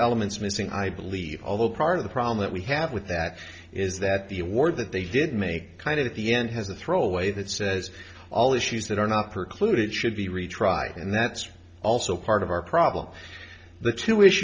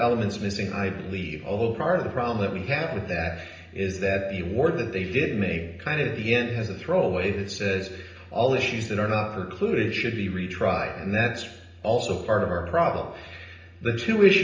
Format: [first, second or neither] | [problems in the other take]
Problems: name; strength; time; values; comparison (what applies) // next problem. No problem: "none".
first | room echo; dies away in 0.9 s